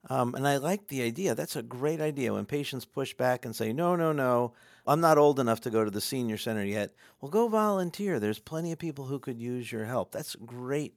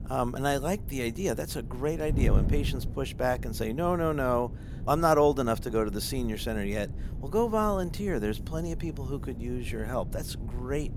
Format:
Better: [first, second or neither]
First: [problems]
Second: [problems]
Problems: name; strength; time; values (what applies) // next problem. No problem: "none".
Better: first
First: none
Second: wind noise on the microphone; occasional gusts; 20 dB below the speech